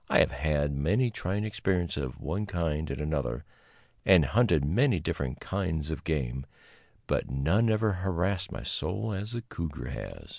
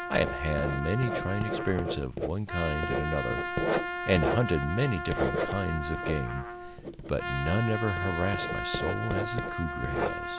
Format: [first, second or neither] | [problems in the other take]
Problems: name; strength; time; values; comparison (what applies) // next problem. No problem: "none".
first | background sound (Writing + Trumpet); 2 dB below the speech